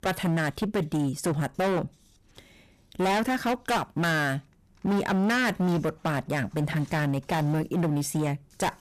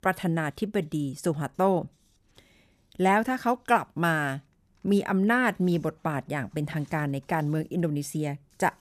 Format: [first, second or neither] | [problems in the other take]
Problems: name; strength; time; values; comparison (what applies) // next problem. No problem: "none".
second | distortion; heavy; 20% of the sound clipped